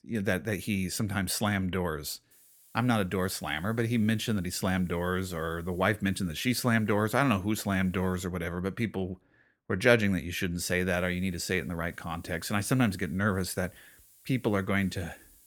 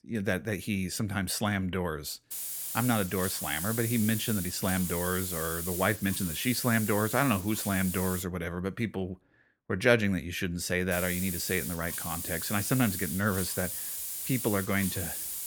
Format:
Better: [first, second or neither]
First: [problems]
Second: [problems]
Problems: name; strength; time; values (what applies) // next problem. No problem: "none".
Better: first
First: hiss; faint; from 2.5 to 8 s and from 11 s on; 30 dB below the speech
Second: hiss; loud; from 2.5 to 8 s and from 11 s on; 4 dB below the speech